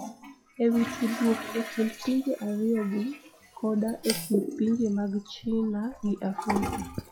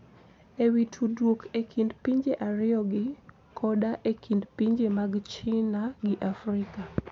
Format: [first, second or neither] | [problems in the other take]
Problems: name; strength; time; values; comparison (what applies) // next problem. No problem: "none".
second | noise reduction (classical method log-MMSE)